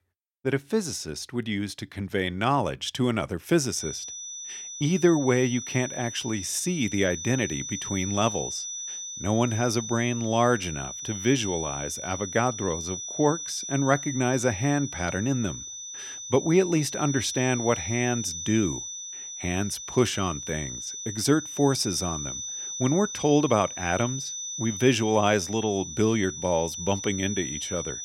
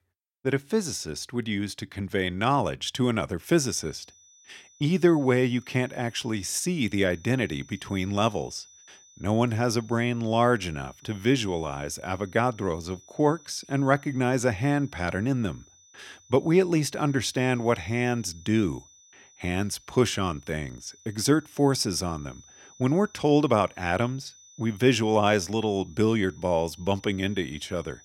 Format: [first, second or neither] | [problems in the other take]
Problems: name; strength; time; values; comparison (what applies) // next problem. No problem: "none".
second | high-pitched whine; loud; from 4 s on; 6 kHz, 7 dB below the speech; faint in the second